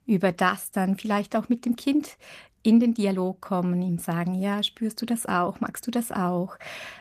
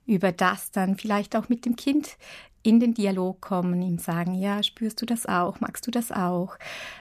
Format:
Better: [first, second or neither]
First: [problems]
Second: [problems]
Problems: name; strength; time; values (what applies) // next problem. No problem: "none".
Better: second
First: garbled, watery; slightly; nothing above 14.5 kHz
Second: none